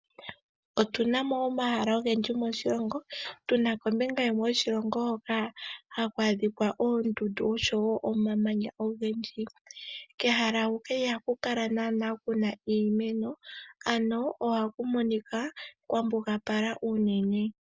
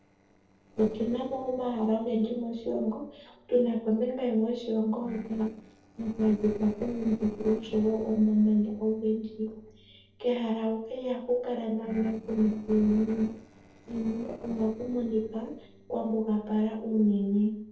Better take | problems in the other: first | noise reduction (neural separator model SepFormer DNS4)

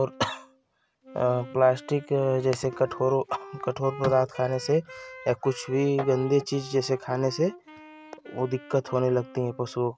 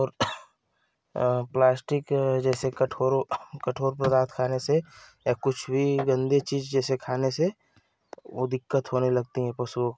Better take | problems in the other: second | background sound (Wind instrument, woodwind instrument); 18 dB below the speech

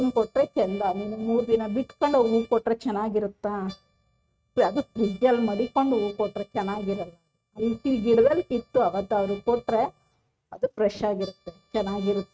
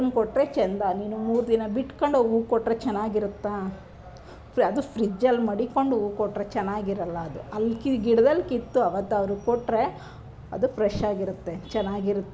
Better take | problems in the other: second | noise reduction (neural mask model RNNoise)

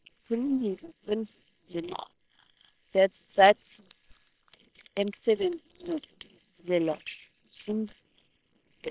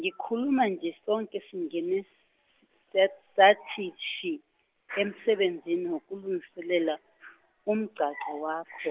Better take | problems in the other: second | noise reduction (neural separator model SepFormer WHAM!)

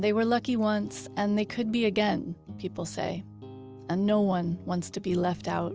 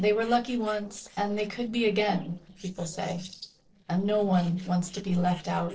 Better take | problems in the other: first | noise reduction (neural separator model SepFormer DNS4)

